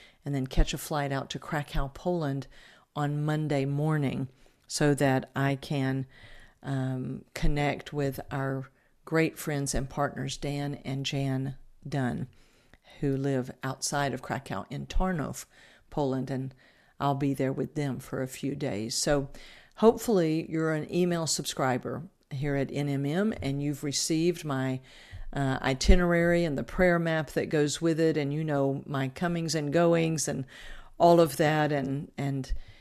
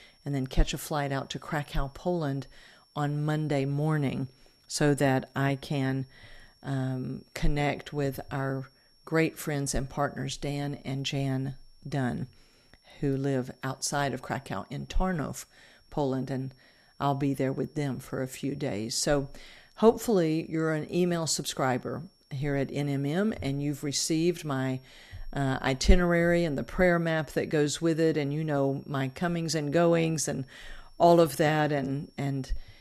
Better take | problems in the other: first | high-pitched whine; faint; throughout; 5.5 kHz, 35 dB below the speech

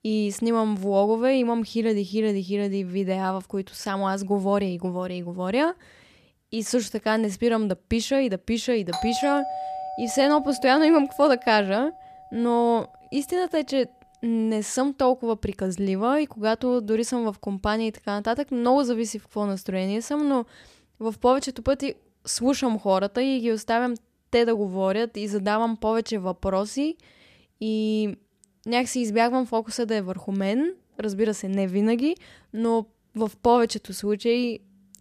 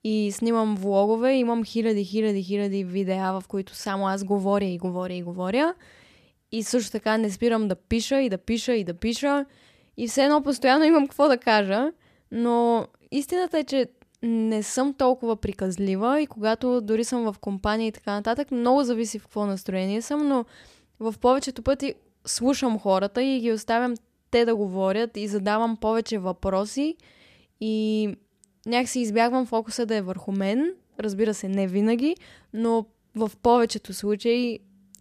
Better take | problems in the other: second | doorbell; noticeable; from 9 to 12 s; peak 4 dB below the speech

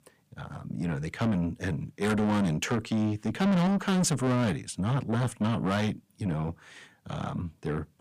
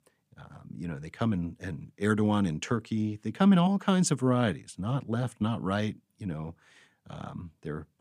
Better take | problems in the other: second | distortion; heavy; 6 dB below the speech

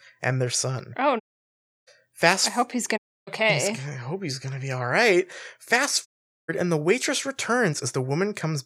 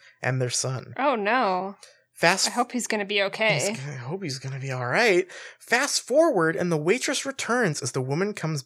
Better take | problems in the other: second | audio cutting out; at 1 s for 0.5 s, at 3 s and at 6 s

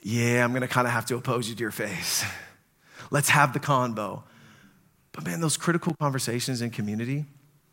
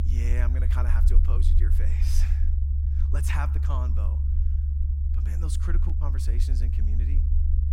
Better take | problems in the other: first | low rumble; loud; throughout; 4 dB below the speech

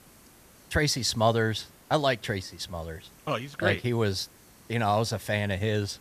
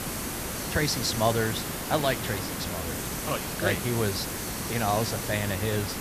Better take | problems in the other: first | hiss; loud; throughout; 2 dB below the speech; faint in the first

